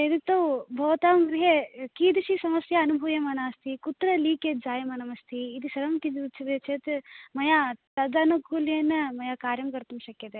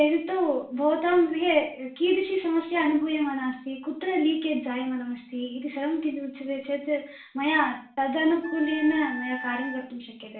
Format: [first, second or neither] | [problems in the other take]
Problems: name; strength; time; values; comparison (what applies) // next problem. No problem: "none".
first | background sound (Wind instrument, woodwind instrument); 12 dB below the speech // room echo; dies away in 0.4 s